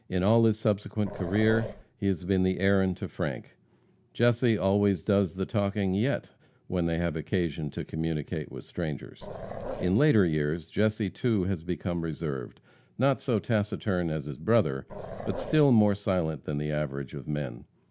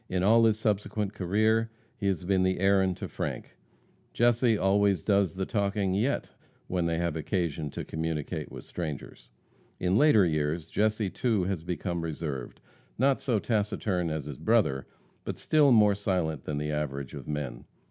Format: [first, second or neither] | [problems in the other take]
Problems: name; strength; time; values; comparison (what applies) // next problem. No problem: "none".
second | background sound (Growling); 10 dB below the speech